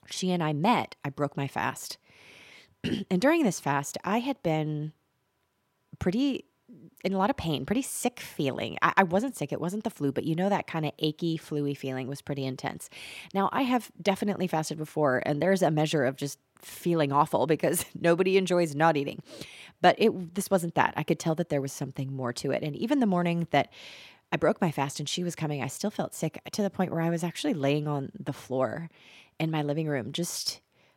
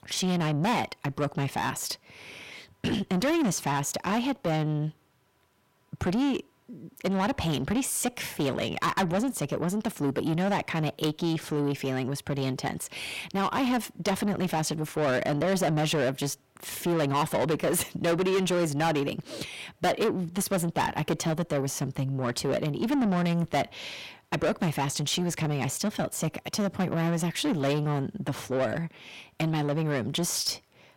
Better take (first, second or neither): first